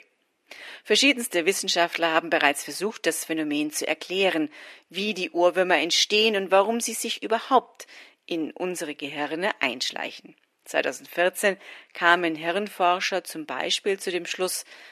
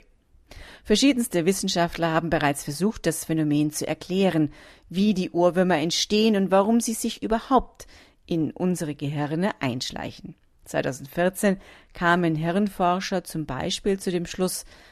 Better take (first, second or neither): second